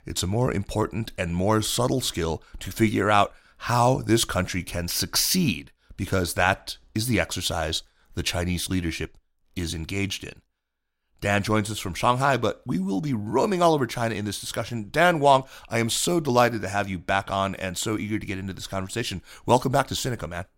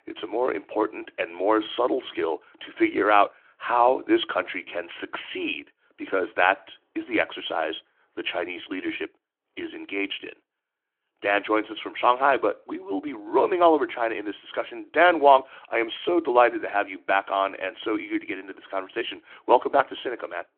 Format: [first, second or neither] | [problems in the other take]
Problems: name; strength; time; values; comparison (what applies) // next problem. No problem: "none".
first | phone-call audio; nothing above 3.5 kHz